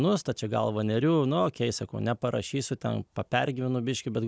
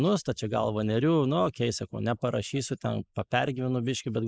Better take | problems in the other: first | noise reduction (neural mask model Resemble Enhance denoiser)

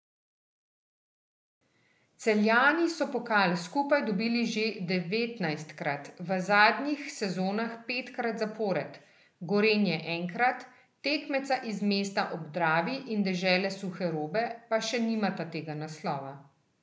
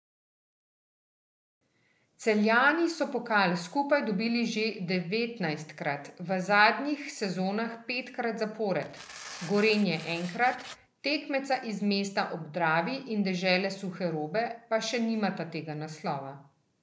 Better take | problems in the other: first | noise reduction (neural separator model SepFormer DNS4)

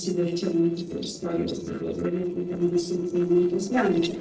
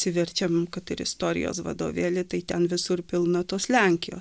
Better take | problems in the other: second | noise reduction (neural separator model SepFormer DNS4)

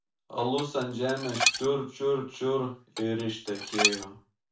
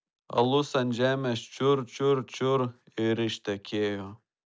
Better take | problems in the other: second | background sound (Dishes, pots, and pans); 1 dB below the speech // room echo; dies away in 0.3 s

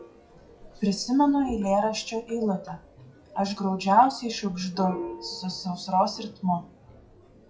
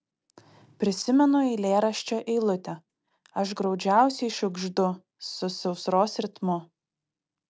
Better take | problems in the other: second | noise reduction (classical method WPE with log-MMSE)

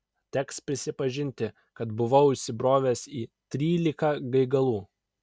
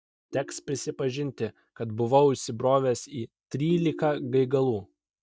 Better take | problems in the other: first | noise reduction (neural mask model DeepFilterNet 3)

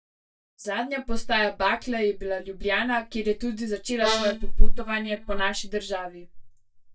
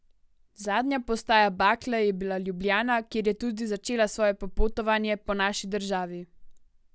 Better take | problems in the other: second | noise reduction (neural mask model DeepFilterNet 3)

